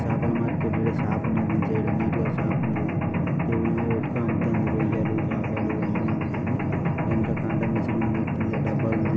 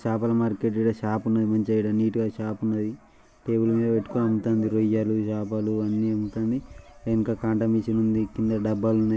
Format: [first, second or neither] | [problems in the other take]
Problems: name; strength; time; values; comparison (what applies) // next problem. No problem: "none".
second | background sound (Mechanisms); 3 dB above the speech